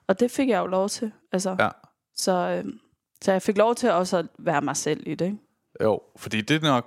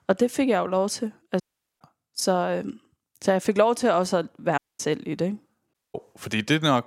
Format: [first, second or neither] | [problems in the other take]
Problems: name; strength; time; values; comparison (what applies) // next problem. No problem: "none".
first | audio cutting out; at 1.5 s, at 4.5 s and at 5.5 s